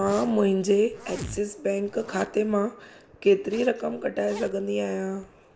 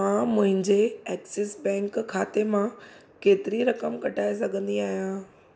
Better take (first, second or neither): second